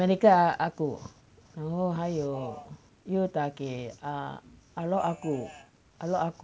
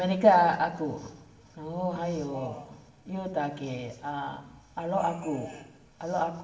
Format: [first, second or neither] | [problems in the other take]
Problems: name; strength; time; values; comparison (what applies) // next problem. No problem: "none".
first | room echo; dies away in 1.1 s